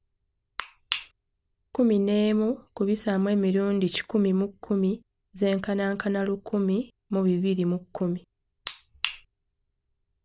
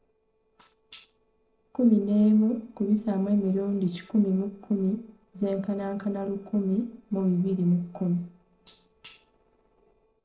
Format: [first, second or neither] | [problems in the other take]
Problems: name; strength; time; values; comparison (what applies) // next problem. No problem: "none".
first | noise reduction (neural separator model SepFormer DNS4)